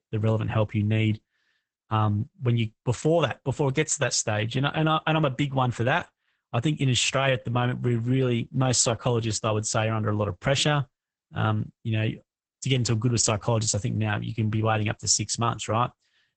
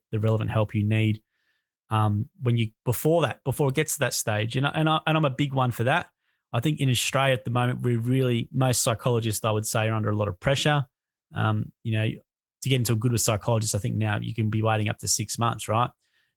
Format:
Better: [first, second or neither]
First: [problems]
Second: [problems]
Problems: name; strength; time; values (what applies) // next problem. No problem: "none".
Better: second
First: garbled, watery; badly; nothing above 8 kHz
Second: garbled, watery; slightly; nothing above 18.5 kHz